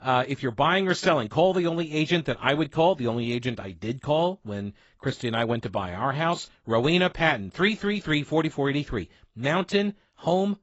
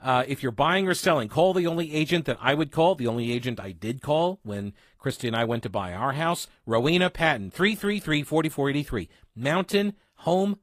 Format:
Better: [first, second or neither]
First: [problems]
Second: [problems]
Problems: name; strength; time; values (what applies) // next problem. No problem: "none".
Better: second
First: garbled, watery; badly; nothing above 7.5 kHz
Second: garbled, watery; slightly; nothing above 15 kHz